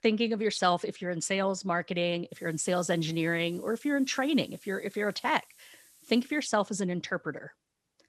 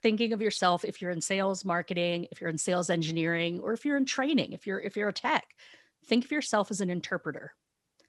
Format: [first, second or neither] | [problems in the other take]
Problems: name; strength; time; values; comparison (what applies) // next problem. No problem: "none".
second | hiss; faint; from 2.5 to 6.5 s; 25 dB below the speech